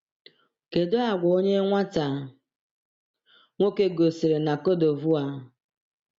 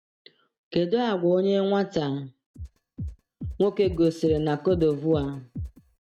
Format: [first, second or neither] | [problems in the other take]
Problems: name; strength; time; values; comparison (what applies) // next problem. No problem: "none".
first | noise reduction (neural mask model RNNoise)